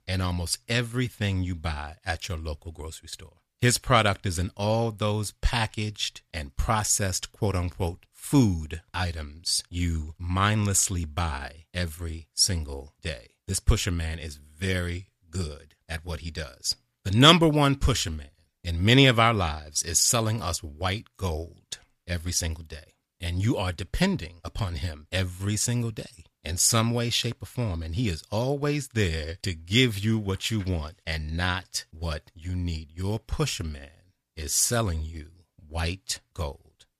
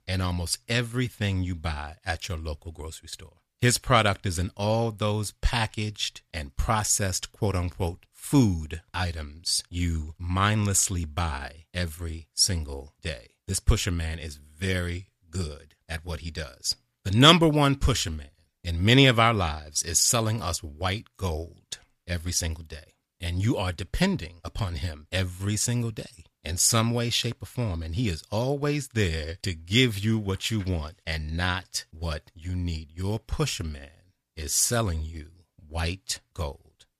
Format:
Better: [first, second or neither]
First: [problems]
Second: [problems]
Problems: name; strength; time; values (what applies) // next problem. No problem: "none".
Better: neither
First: none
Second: none